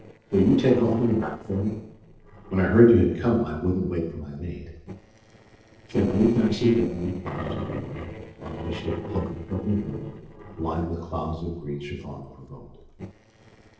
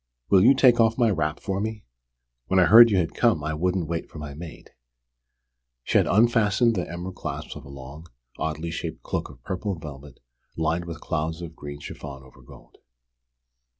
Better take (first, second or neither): second